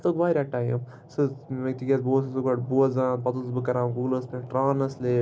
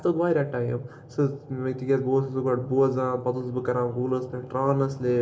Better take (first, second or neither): first